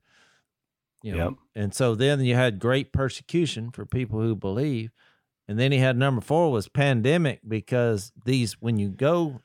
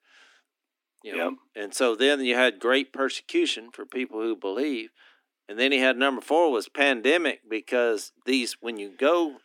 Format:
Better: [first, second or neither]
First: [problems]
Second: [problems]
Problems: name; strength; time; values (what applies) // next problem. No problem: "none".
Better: first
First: none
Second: thin; somewhat; fading below 250 Hz